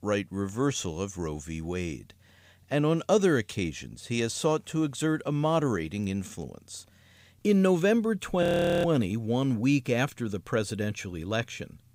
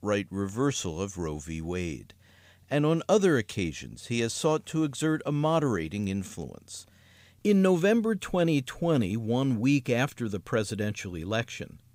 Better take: second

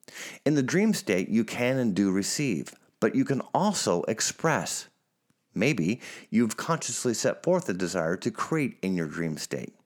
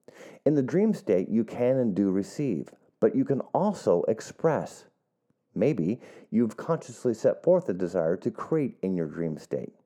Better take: first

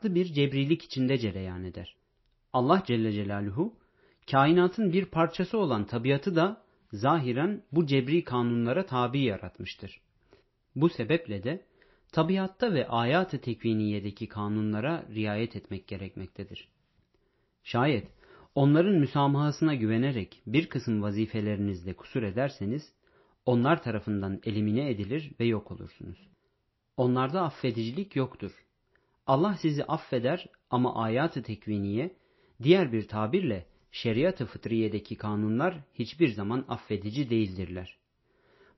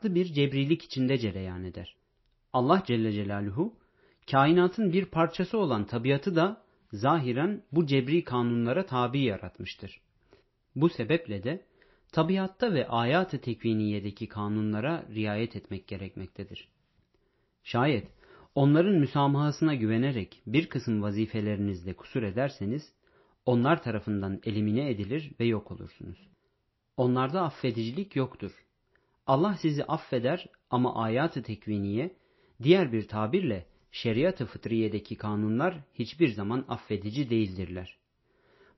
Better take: neither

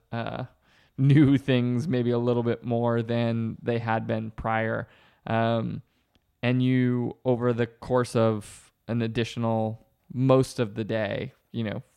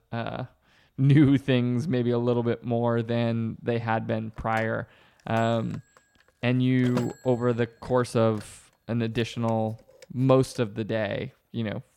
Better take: first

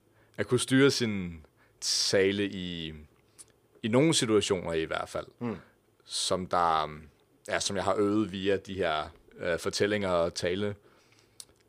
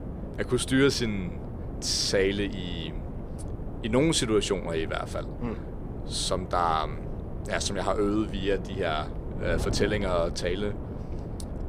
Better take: first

